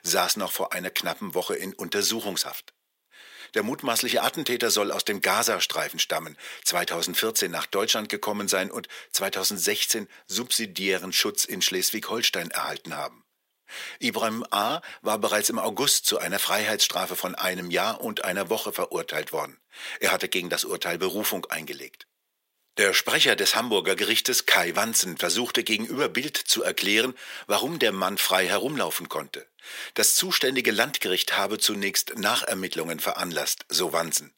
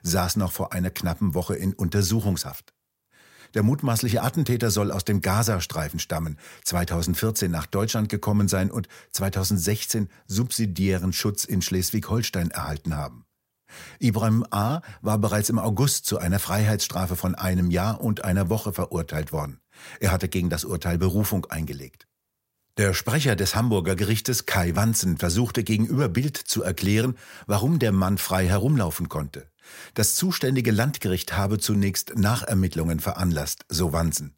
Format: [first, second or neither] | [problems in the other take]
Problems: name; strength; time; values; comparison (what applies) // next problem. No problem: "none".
second | thin; very; fading below 350 Hz